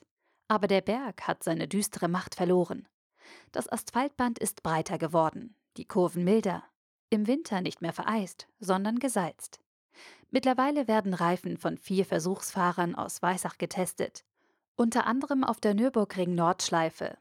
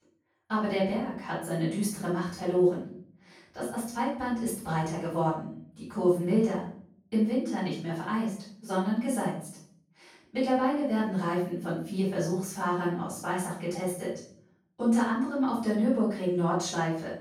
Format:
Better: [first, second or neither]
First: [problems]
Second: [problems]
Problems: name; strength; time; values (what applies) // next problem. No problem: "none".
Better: first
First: none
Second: off-mic speech; far // room echo; noticeable; dies away in 0.6 s